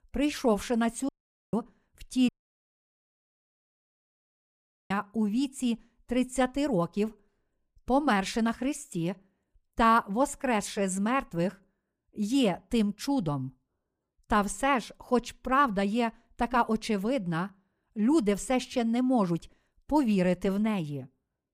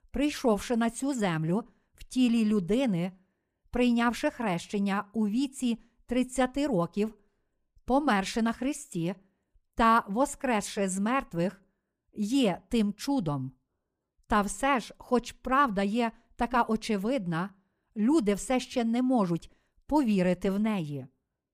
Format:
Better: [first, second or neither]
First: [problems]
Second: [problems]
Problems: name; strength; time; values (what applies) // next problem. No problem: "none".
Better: second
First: audio cutting out; at 1 s and at 2.5 s for 2.5 s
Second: none